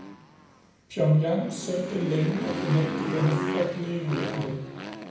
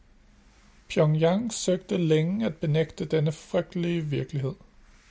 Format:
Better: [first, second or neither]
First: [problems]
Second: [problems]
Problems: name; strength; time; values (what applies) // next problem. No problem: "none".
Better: second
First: background sound (Motorcycle); 7 dB below the speech // room echo; dies away in 0.9 s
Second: none